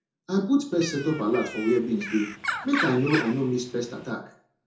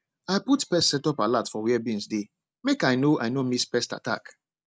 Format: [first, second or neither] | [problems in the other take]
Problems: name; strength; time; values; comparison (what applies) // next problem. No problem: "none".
second | background sound (Bird); 8 dB below the speech // room echo; dies away in 0.5 s